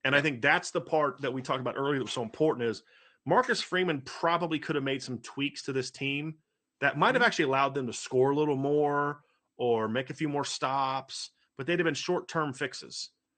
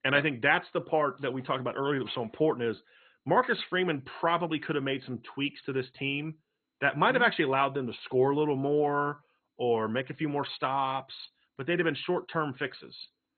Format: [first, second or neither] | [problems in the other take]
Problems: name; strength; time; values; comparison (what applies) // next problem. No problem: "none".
first | garbled, watery; badly; nothing above 4 kHz; slightly in the first